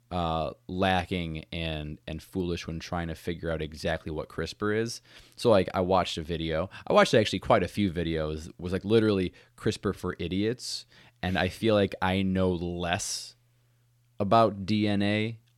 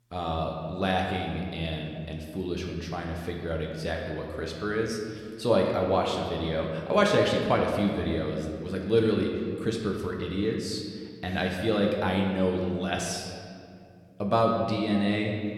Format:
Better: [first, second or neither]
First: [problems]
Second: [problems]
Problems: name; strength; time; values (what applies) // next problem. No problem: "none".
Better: first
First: none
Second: room echo; noticeable; dies away in 1.8 s